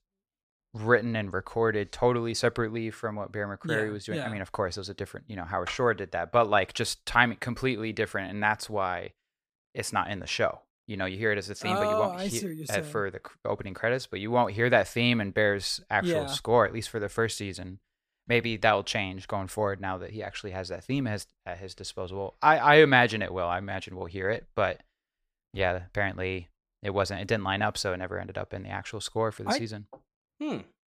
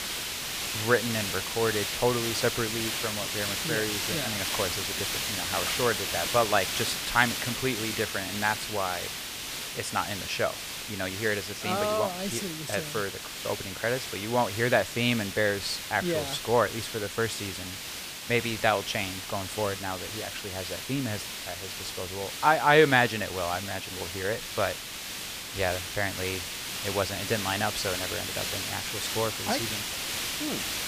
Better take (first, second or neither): first